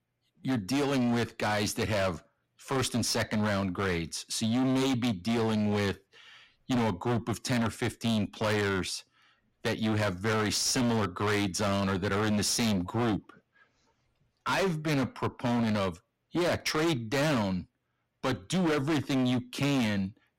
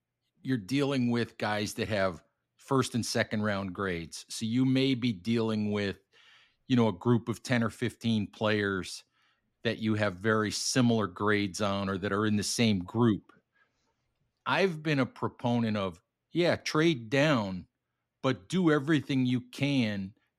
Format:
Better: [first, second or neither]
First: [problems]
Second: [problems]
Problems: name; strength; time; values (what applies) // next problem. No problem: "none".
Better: second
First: distortion; heavy; 21% of the sound clipped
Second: none